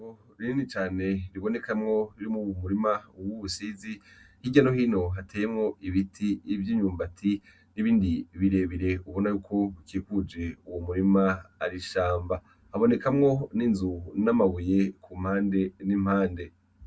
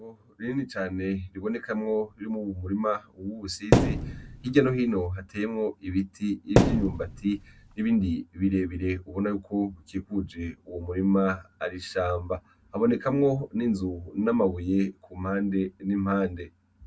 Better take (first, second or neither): first